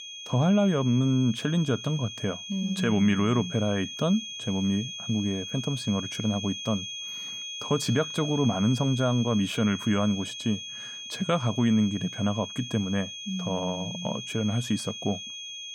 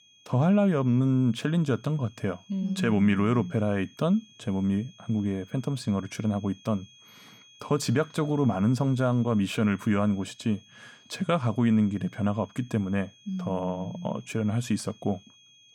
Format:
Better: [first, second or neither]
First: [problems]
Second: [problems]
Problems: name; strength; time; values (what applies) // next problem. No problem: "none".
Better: second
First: high-pitched whine; loud; throughout; 3.5 kHz, 8 dB below the speech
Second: high-pitched whine; faint; throughout; 3.5 kHz, 25 dB below the speech